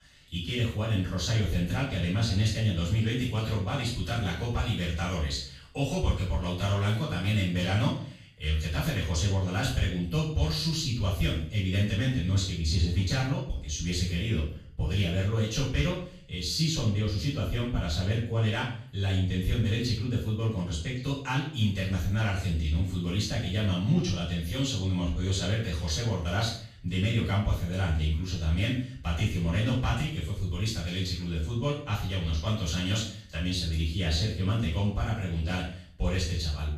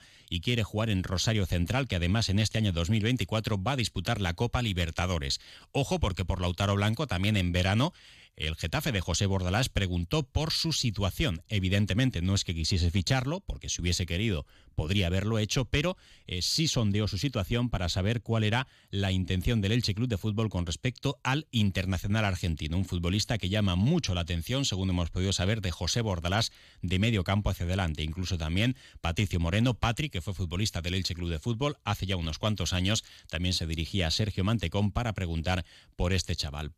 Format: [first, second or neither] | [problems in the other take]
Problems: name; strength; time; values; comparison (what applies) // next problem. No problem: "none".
second | off-mic speech; far // room echo; noticeable; dies away in 0.5 s